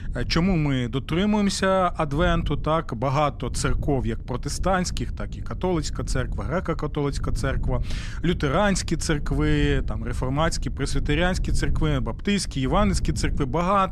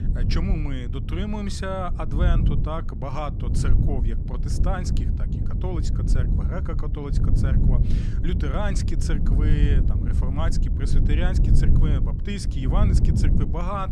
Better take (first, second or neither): first